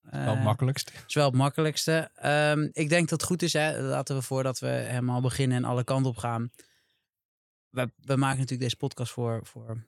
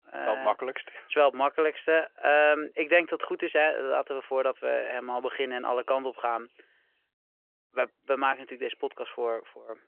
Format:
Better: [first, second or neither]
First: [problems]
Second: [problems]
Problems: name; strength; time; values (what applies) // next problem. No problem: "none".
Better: first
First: none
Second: phone-call audio